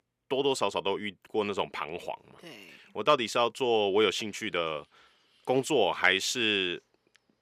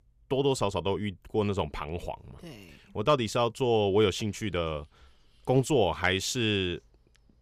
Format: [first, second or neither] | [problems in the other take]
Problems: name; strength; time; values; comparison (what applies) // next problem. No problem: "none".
second | thin; somewhat; fading below 250 Hz